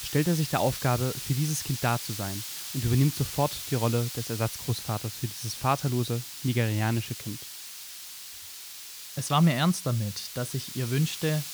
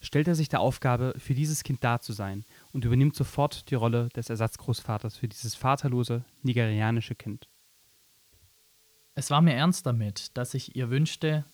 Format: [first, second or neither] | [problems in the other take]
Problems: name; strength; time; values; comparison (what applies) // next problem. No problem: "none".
second | hiss; loud; throughout; 7 dB below the speech; faint in the second